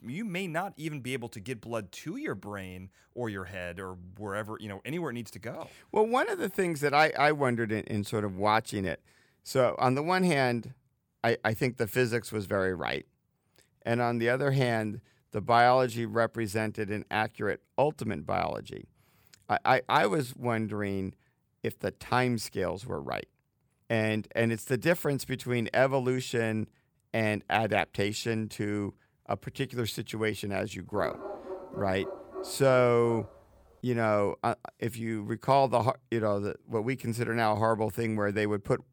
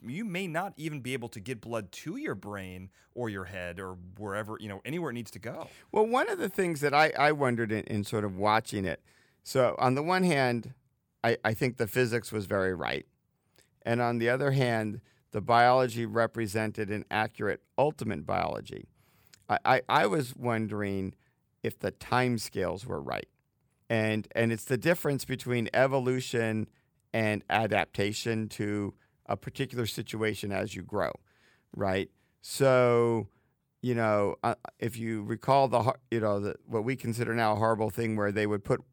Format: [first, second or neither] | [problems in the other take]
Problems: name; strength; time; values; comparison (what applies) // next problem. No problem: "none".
second | dog barking; faint; from 31 to 33 s; peak 10 dB below the speech